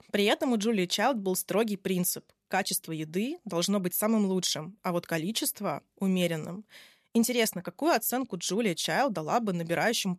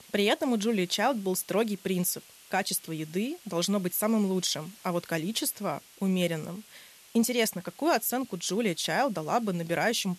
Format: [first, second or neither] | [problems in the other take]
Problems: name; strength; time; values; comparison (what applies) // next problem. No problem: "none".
first | hiss; faint; throughout; 20 dB below the speech